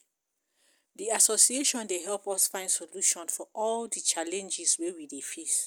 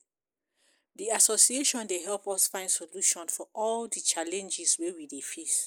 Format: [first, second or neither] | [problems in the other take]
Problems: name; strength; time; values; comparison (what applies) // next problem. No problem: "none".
first | noise reduction (neural mask model Resemble Enhance denoiser)